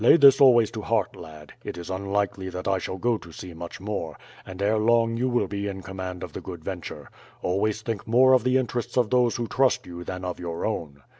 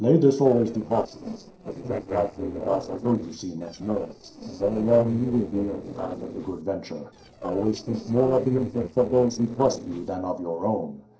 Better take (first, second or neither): first